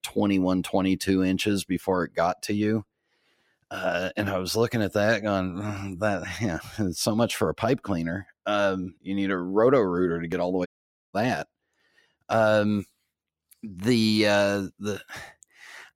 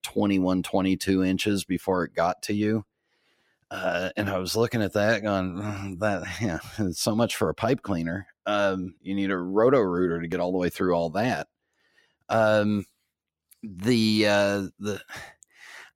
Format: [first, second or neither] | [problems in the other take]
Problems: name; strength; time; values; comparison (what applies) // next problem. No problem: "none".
second | audio cutting out; at 11 s